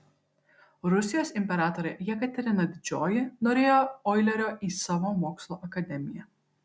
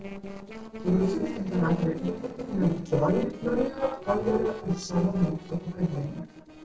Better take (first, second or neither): first